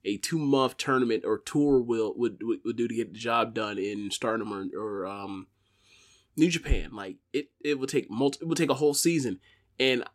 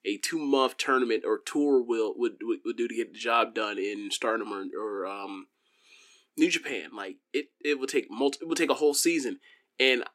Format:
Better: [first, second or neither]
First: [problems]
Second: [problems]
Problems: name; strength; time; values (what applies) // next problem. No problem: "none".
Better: first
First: none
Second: thin; very slightly; fading below 300 Hz